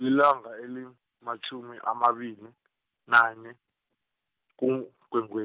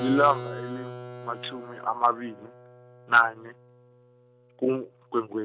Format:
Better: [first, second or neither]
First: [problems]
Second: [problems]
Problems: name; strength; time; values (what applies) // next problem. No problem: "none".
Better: first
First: none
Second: background sound (Keyboard (musical)); 13 dB below the speech